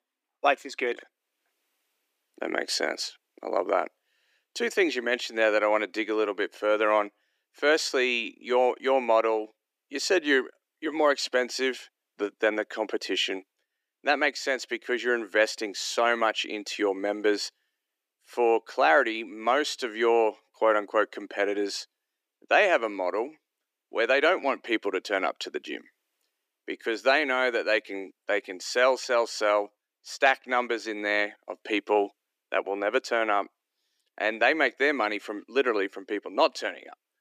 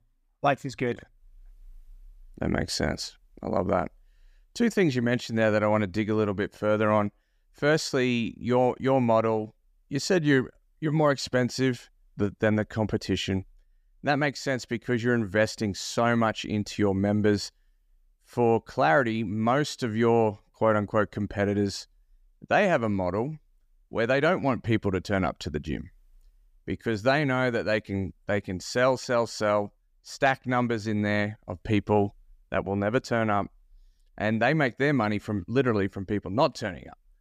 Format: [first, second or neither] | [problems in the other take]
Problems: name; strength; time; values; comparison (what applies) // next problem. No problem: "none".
second | thin; somewhat; fading below 300 Hz